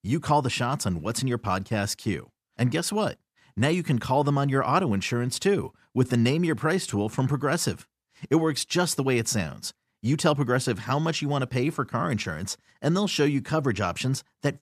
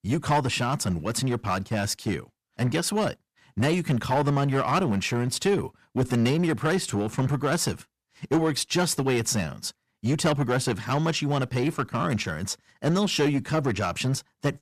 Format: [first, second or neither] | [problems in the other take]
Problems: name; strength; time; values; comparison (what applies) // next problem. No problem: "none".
first | distortion; slight; 6% of the sound clipped